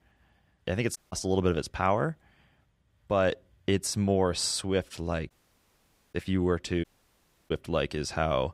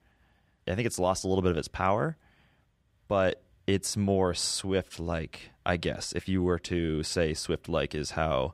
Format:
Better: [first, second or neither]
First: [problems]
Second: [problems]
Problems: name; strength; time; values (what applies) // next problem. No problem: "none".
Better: second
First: audio cutting out; at 1 s, at 5.5 s for 1 s and at 7 s for 0.5 s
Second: none